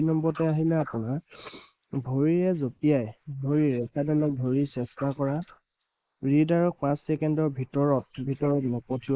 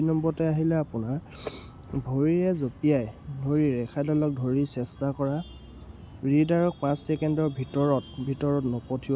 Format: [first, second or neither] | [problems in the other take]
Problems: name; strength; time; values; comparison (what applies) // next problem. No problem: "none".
second | noise reduction (neural mask model Resemble Enhance denoiser)